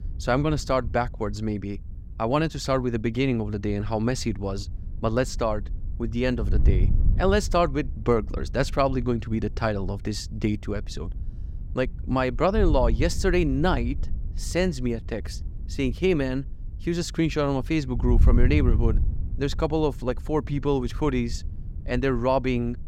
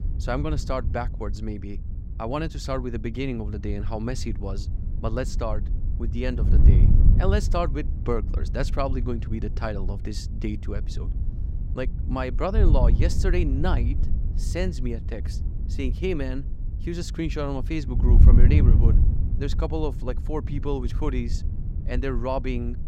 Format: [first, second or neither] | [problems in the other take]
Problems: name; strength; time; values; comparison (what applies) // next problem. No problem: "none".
first | wind noise on the microphone; heavy; 10 dB below the speech; occasional gusts in the first